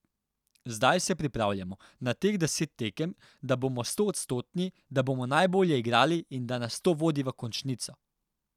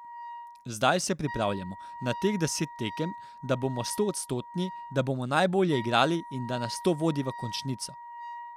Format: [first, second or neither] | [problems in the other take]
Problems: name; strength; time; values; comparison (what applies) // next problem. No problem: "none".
first | background sound (Wind instrument, woodwind instrument); 13 dB below the speech